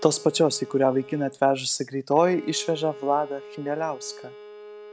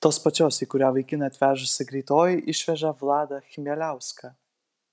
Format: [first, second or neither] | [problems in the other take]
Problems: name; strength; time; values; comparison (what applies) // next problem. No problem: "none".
second | background sound (Bowed string instrument); 17 dB below the speech